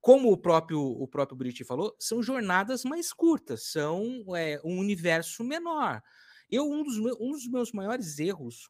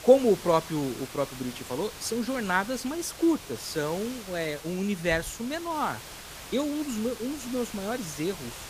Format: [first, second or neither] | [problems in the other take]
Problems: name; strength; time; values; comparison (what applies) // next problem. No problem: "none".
first | hiss; noticeable; throughout; 10 dB below the speech